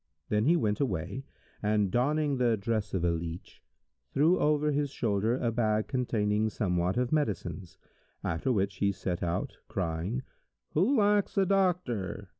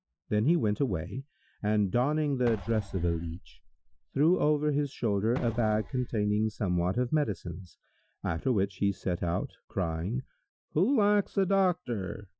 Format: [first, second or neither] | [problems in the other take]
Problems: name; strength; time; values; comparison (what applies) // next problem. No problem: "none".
first | noise reduction (classical method Wiener filter)